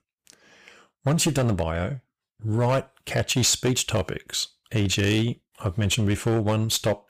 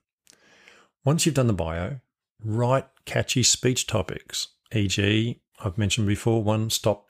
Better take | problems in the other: second | distortion; slight; 8% of the sound clipped

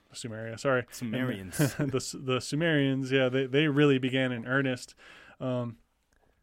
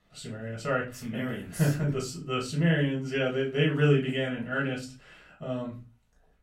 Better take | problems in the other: first | off-mic speech; far // room echo; slight; dies away in 0.3 s

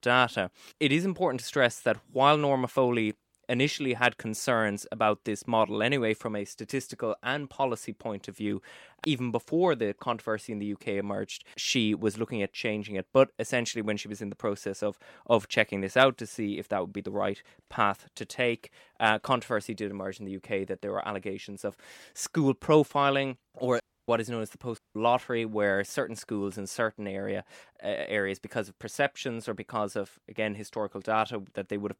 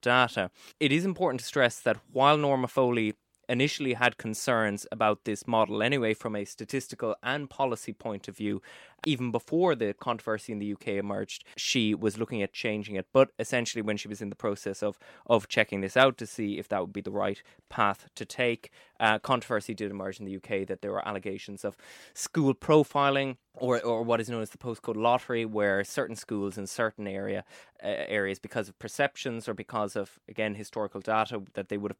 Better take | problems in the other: second | audio cutting out; at 24 s and at 25 s

